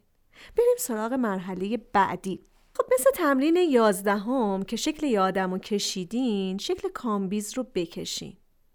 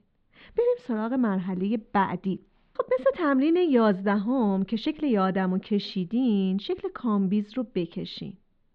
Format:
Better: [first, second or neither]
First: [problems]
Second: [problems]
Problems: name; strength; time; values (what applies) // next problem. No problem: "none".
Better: first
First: none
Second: muffled; slightly; fading above 4 kHz